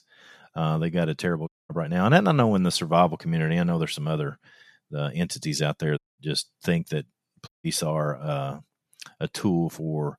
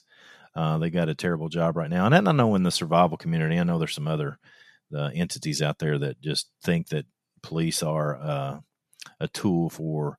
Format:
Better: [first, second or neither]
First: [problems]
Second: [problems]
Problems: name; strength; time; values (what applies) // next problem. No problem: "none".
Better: second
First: audio cutting out; at 1.5 s, at 6 s and at 7.5 s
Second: none